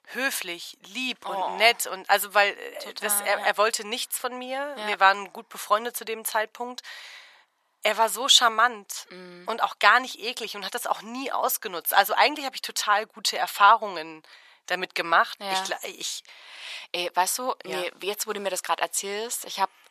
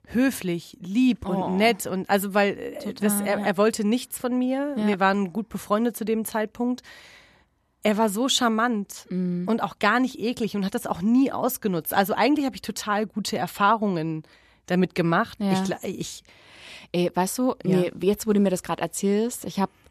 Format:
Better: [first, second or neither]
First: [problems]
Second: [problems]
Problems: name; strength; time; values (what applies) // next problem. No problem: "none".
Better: second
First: thin; very; fading below 900 Hz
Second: none